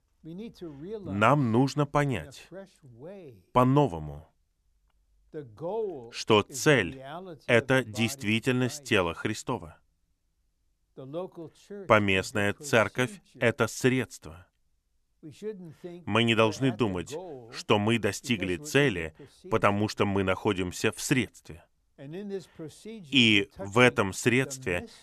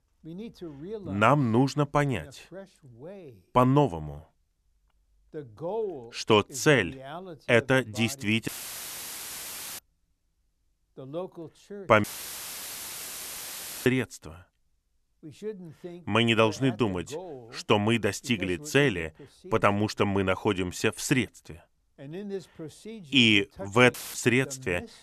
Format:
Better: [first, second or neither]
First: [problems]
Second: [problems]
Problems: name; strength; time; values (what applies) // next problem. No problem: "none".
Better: first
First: none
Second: audio cutting out; filled with static; at 8.5 s for 1.5 s, at 12 s for 2 s and at 24 s